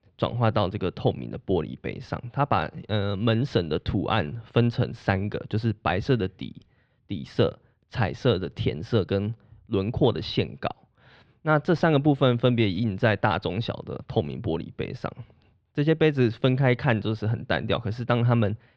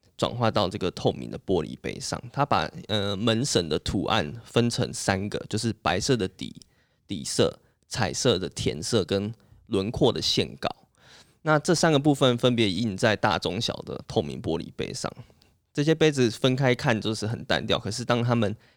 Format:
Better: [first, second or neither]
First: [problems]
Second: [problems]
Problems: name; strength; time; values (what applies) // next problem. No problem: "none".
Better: second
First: muffled; slightly; fading above 3 kHz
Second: none